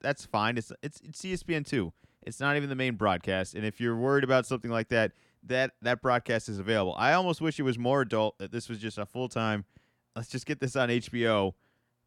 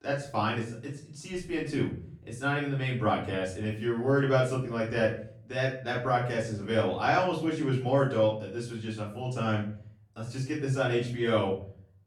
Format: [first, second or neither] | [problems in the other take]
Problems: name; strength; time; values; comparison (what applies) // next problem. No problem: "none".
first | room echo; noticeable; dies away in 0.5 s // off-mic speech; far